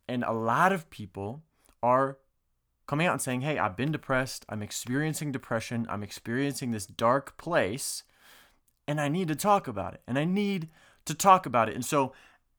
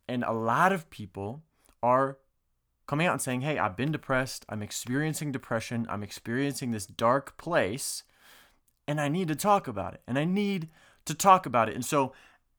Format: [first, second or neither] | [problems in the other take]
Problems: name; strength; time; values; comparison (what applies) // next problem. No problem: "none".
neither | none